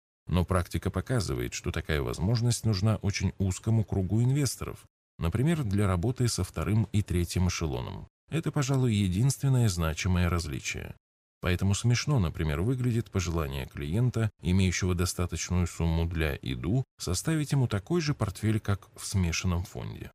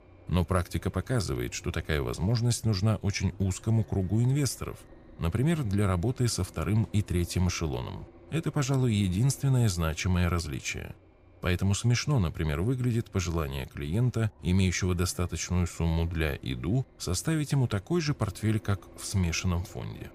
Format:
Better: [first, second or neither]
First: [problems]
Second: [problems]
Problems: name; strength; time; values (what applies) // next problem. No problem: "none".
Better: first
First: none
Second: low rumble; faint; throughout; 25 dB below the speech